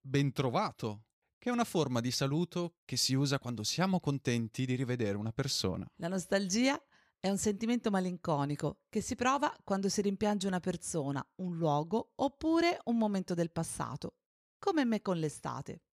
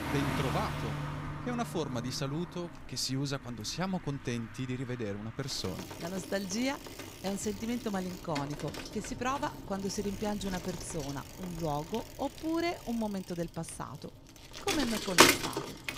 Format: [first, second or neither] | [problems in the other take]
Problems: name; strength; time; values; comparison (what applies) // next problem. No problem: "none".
first | traffic noise; very loud; throughout; 2 dB above the speech